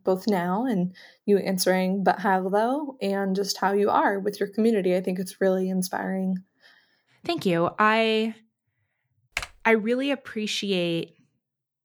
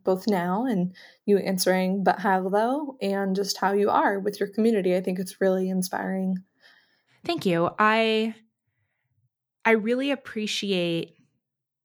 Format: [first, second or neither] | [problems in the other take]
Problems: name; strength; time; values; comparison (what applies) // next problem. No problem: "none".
second | keyboard typing; noticeable; at 9.5 s; peak 8 dB below the speech